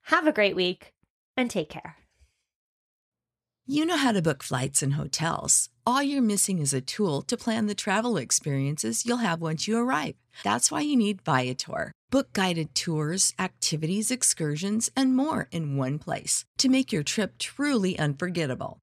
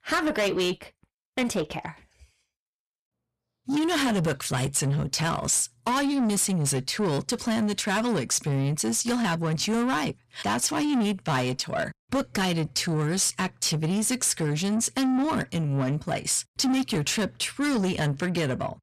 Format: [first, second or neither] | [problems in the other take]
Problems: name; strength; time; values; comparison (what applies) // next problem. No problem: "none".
first | distortion; heavy; 8 dB below the speech